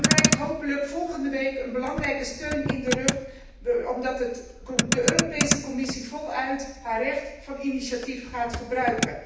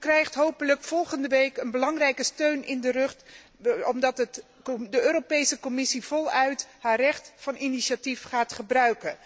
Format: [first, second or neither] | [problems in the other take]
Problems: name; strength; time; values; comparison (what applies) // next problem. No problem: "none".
second | background sound (Motor vehicle (road)); 1 dB below the speech // room echo; dies away in 0.9 s